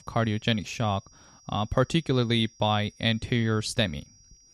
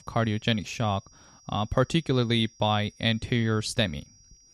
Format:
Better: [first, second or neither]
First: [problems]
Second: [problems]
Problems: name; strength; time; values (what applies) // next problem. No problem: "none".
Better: neither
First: high-pitched whine; faint; throughout; 5.5 kHz, 30 dB below the speech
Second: high-pitched whine; faint; throughout; 5.5 kHz, 30 dB below the speech